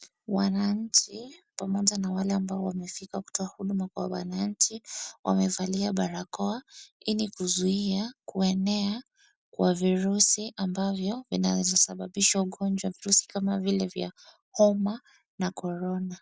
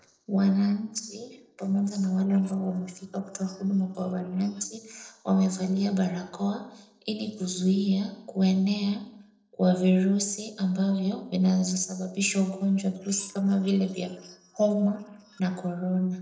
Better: first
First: none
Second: noise reduction (neural separator model SepFormer DNS4)

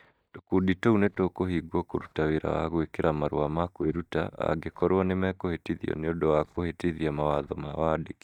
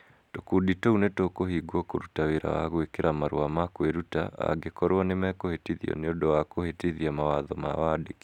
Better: second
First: noise reduction (neural mask model DeepFilterNet 3)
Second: none

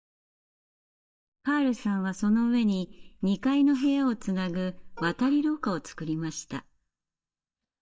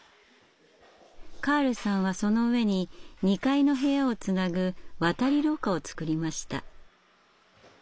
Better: second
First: noise reduction (neural mask model DeepFilterNet 3)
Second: none

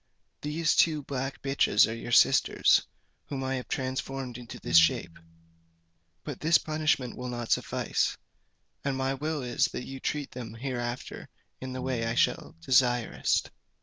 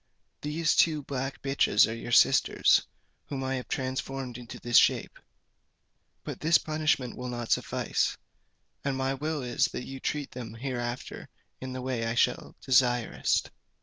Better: second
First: background sound (Piano); 15 dB below the speech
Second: none

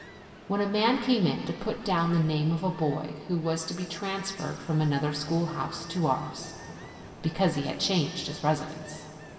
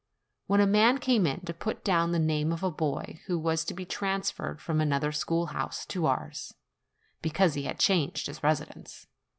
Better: second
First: background sound (Ocean); 17 dB below the speech // room echo; dies away in 2.8 s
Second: none

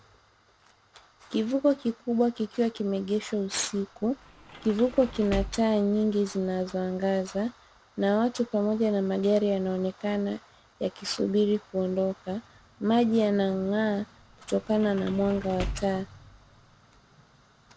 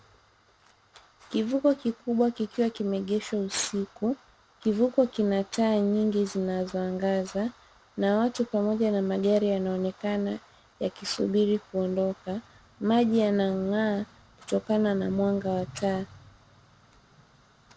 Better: second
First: background sound (Sliding door / Slam); 12 dB below the speech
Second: none

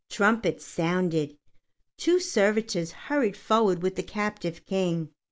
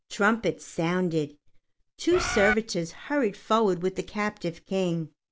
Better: first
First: none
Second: background sound (Bird); as loud as the speech

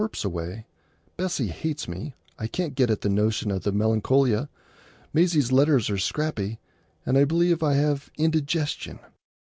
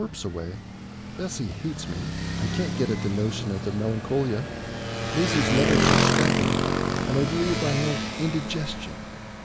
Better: first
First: none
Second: background sound (Motorcycle); 2 dB above the speech

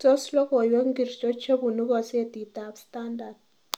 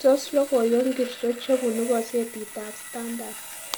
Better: first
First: none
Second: background sound (Sawing); 14 dB below the speech

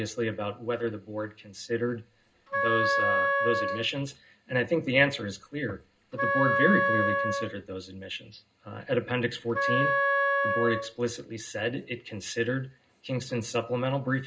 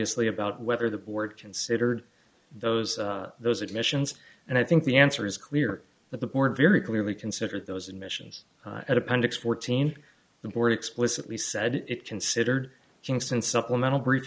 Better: second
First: background sound (Wind instrument, woodwind instrument); 2 dB above the speech // room echo; dies away in 0.2 s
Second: none

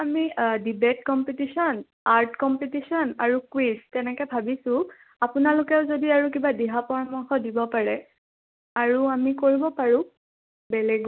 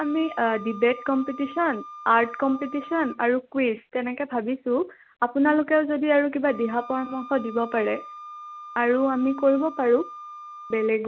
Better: first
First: none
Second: background sound (Wind instrument, woodwind instrument); 17 dB below the speech

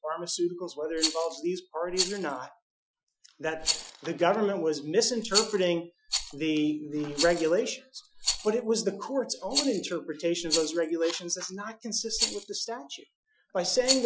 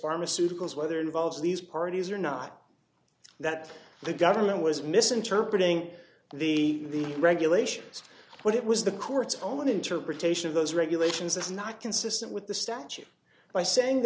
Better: second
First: noise reduction (classical method Wiener filter)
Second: none

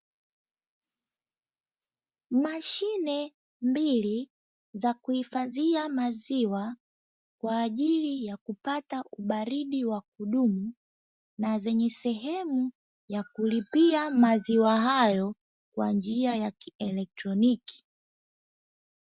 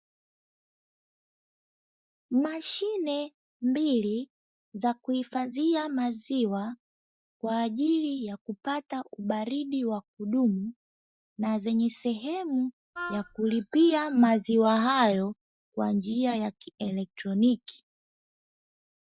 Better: first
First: none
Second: noise reduction (neural mask model DeepFilterNet 3)

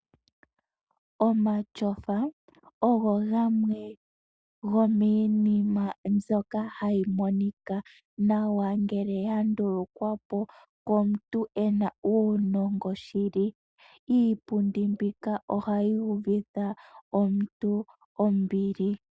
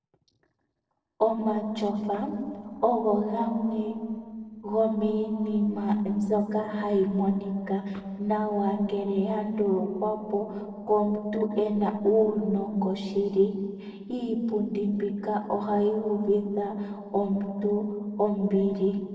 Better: first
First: none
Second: noise reduction (neural separator model SepFormer DNS4)

